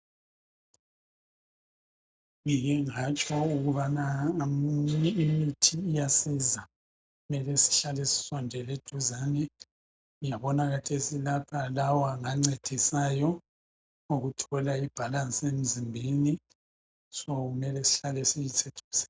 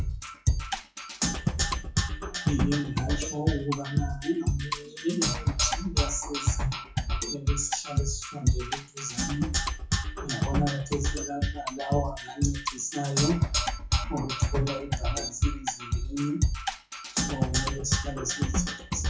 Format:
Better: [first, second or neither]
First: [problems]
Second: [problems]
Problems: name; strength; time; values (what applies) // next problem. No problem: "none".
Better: first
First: none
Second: noise reduction (classical method WPE with log-MMSE)